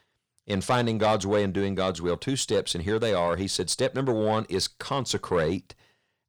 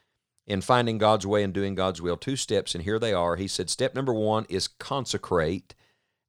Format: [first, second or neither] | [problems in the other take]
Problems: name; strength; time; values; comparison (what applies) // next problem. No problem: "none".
second | distortion; slight; 10 dB below the speech